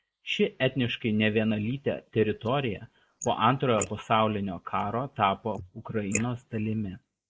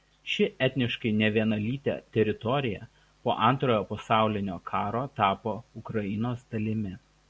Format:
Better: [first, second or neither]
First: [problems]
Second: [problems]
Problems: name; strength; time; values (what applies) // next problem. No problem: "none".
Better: second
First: noise reduction (neural mask model Resemble Enhance denoiser)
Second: none